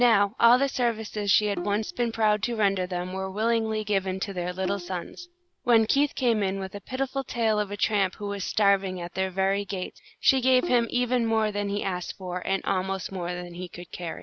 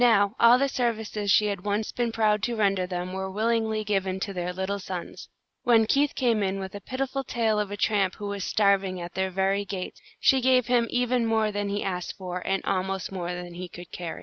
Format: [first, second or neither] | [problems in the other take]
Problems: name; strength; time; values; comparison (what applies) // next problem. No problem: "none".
second | background sound (Bowed string instrument); 15 dB below the speech